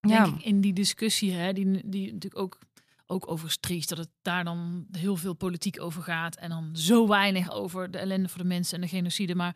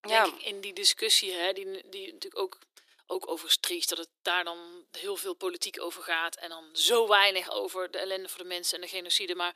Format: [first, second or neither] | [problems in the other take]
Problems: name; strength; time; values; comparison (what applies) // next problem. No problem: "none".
first | thin; very; fading below 350 Hz